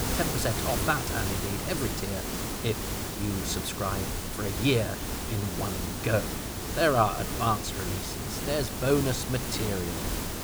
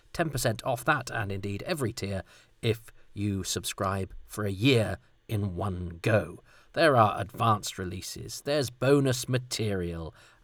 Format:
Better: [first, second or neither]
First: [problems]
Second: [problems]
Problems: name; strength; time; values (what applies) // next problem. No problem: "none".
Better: second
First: hiss; loud; throughout; 2 dB below the speech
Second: none